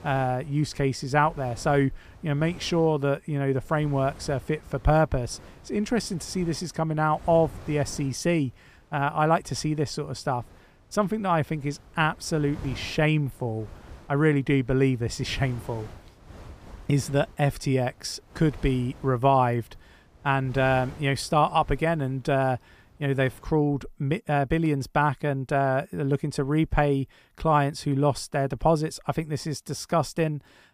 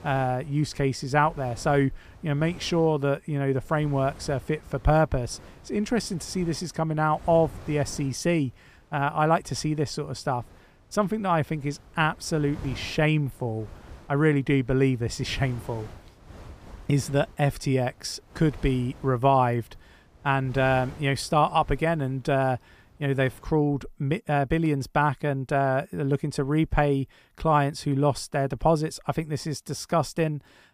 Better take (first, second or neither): neither